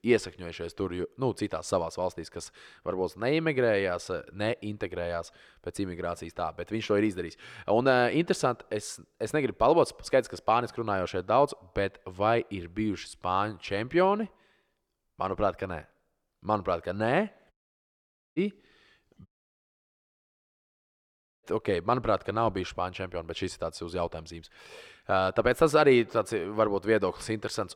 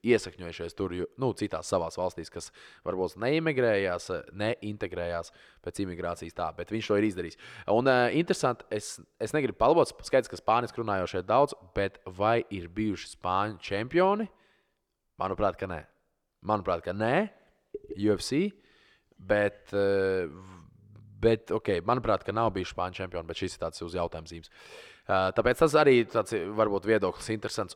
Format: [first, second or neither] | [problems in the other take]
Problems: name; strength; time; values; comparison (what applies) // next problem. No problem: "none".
second | audio cutting out; at 18 s for 1 s and at 19 s for 2 s